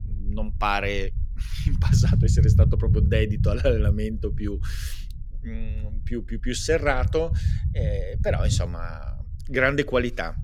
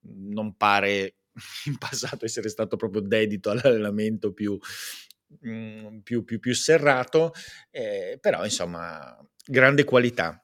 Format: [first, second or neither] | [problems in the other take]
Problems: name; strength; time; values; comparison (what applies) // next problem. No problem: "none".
second | low rumble; noticeable; throughout; 10 dB below the speech